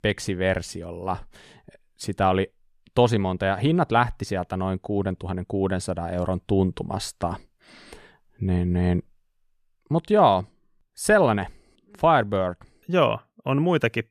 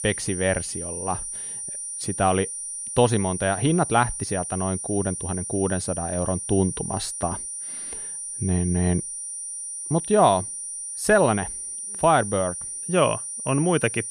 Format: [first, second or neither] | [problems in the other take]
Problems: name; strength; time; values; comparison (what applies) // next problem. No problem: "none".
first | high-pitched whine; loud; throughout; 9.5 kHz, 6 dB below the speech